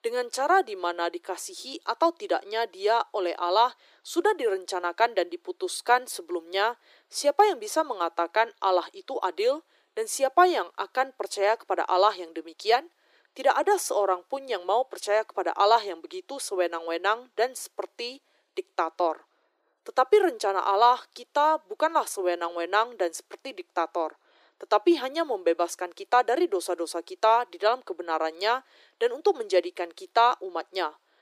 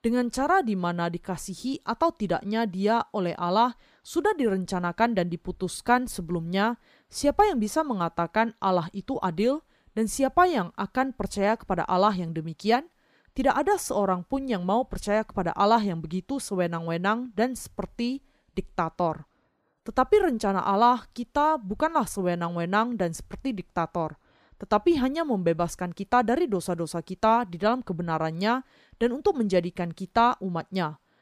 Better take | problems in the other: second | thin; very; fading below 350 Hz

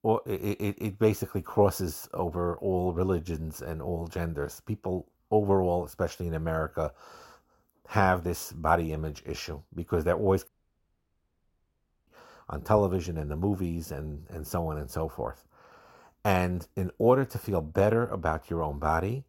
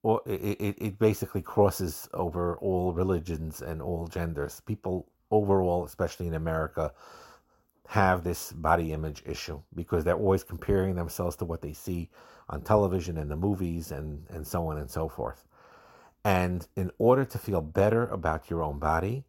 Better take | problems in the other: second | audio cutting out; at 10 s for 1.5 s

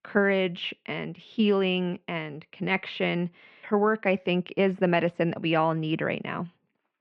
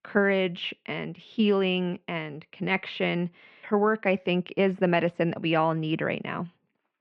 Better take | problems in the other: neither | muffled; very; fading above 2.5 kHz; the same in both

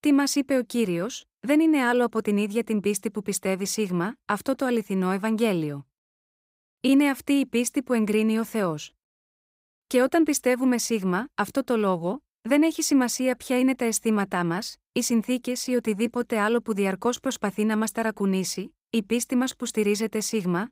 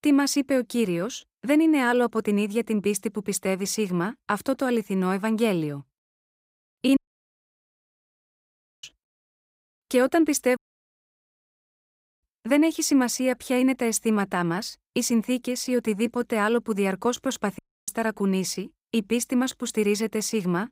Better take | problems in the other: first | audio cutting out; at 7 s for 2 s, at 11 s for 1.5 s and at 18 s

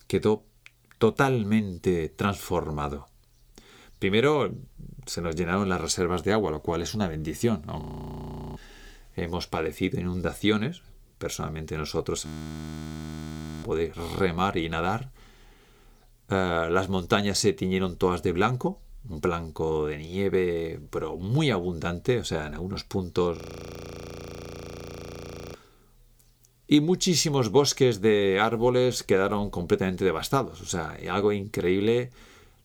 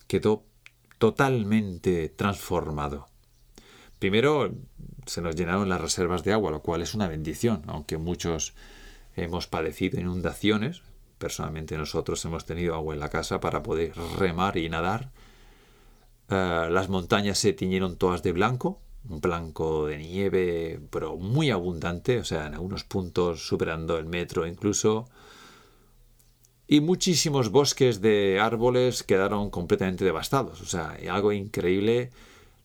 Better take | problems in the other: second | audio freezing; at 8 s for 1 s, at 12 s for 1.5 s and at 23 s for 2 s

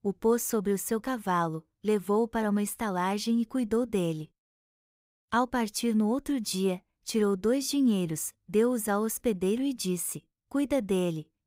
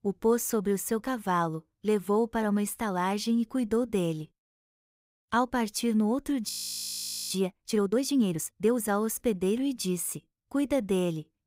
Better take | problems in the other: first | audio freezing; at 6.5 s for 1 s

